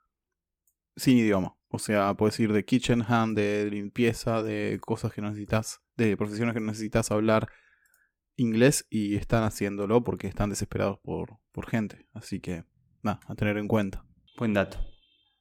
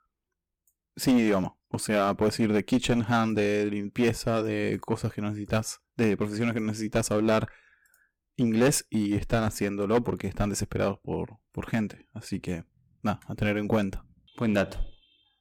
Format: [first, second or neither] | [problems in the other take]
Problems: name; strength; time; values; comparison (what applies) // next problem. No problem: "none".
first | distortion; slight; 5% of the sound clipped